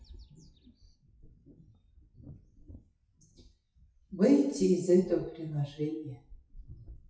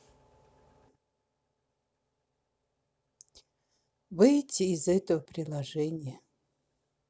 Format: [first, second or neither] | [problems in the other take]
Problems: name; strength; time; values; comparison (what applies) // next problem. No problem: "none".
second | noise reduction (classical method WPE with log-MMSE)